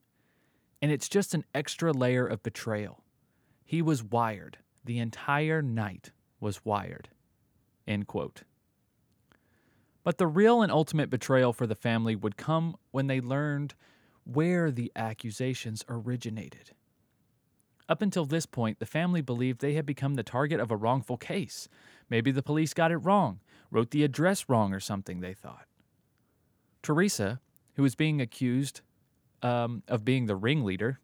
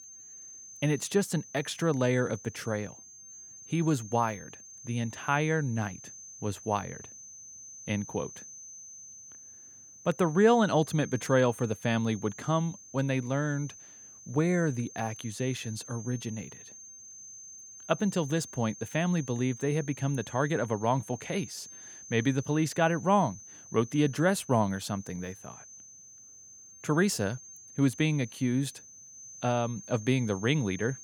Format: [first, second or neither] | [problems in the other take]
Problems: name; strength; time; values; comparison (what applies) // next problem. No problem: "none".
first | high-pitched whine; noticeable; throughout; 6 kHz, 15 dB below the speech